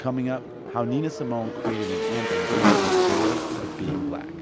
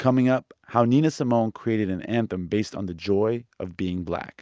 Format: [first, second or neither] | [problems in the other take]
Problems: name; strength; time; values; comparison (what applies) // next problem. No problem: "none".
second | background sound (Motorcycle / Engine); 5 dB above the speech